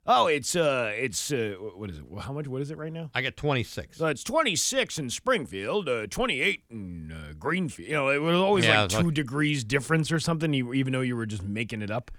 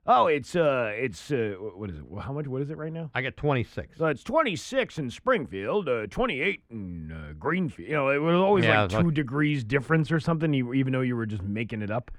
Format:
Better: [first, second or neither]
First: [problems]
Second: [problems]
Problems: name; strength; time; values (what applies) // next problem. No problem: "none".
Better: first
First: none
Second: muffled; very; fading above 3.5 kHz